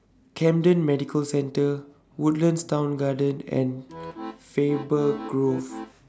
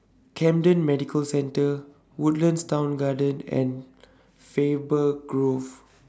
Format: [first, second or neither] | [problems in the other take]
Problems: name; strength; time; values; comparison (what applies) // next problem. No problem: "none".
second | background sound (Accordion); 12 dB below the speech